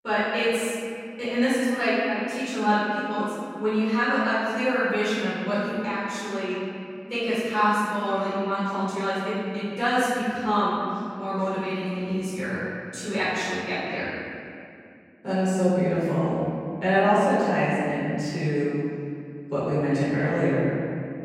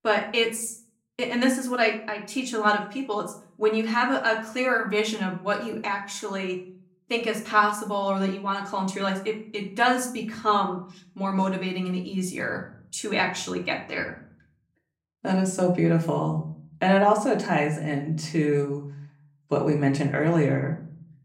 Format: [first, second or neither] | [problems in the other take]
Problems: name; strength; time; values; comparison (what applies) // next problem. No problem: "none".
second | room echo; strong; dies away in 2.4 s; slight in the second // off-mic speech; far; far in the second